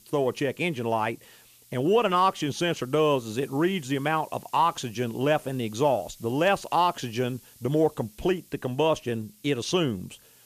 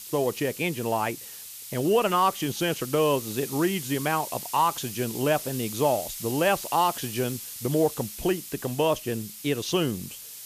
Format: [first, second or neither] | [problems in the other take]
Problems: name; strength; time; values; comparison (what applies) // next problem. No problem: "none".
first | hiss; loud; throughout; 9 dB below the speech; faint in the first